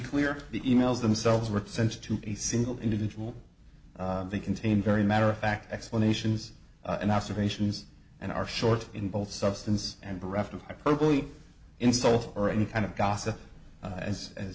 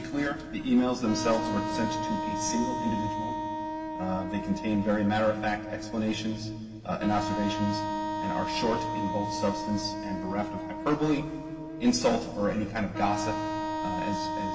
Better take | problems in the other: first | background sound (Wind instrument, woodwind instrument); 4 dB below the speech // room echo; dies away in 2.4 s

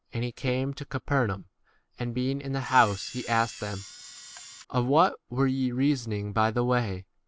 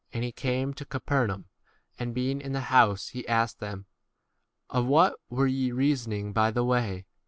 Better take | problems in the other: second | background sound (Camera); 16 dB below the speech

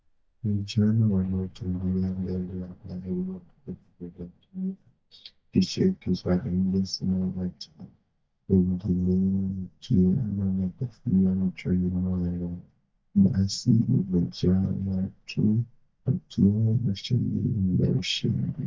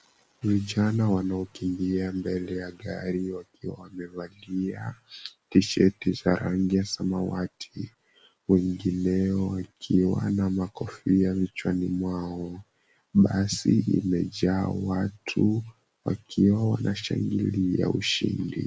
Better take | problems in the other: second | noise reduction (neural mask model DeepFilterNet 3)

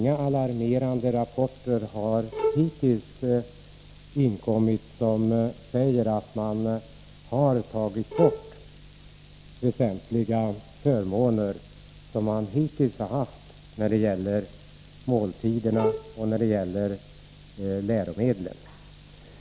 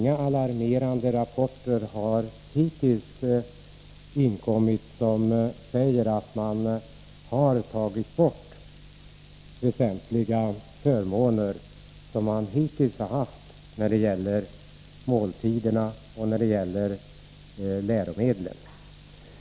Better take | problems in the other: second | background sound (Bowed string instrument); 5 dB below the speech

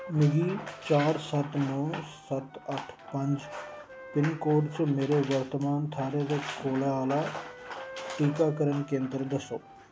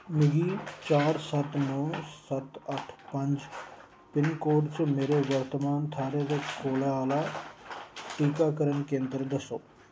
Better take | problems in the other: second | background sound (Wind instrument, woodwind instrument); 19 dB below the speech

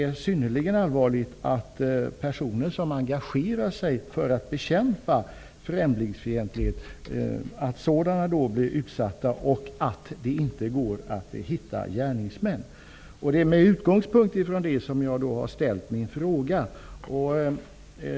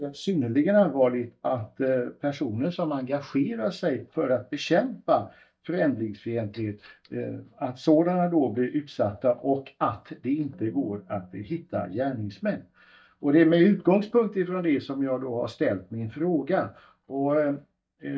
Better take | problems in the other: first | noise reduction (neural mask model DeepFilterNet 3)

